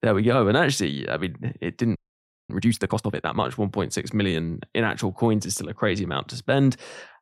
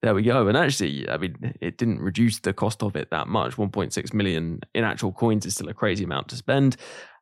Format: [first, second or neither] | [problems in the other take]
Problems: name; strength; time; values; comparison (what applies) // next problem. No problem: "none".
second | audio freezing; at 2 s for 0.5 s